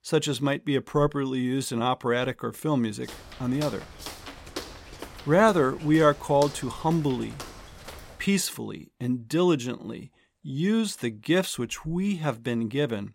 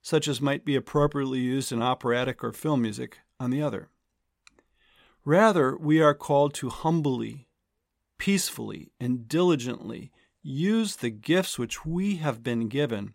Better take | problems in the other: second | footsteps; faint; from 3 to 8 s; peak 10 dB below the speech

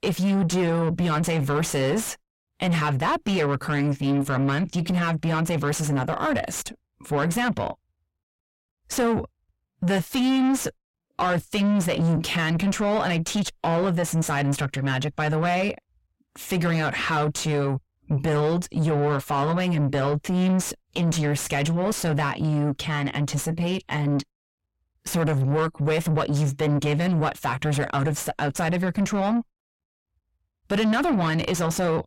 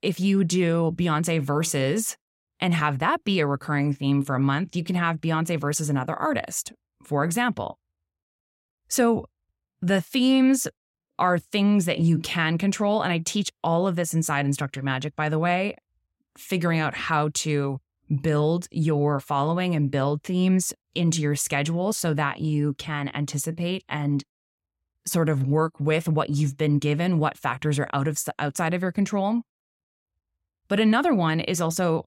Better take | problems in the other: second | distortion; heavy; 6 dB below the speech

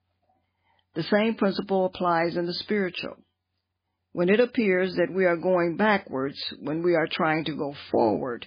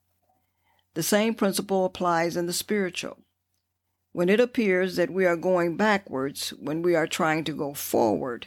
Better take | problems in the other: second | garbled, watery; badly; nothing above 4.5 kHz

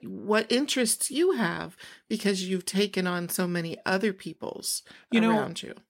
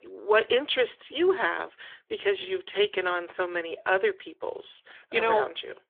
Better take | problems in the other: first | phone-call audio; nothing above 3.5 kHz

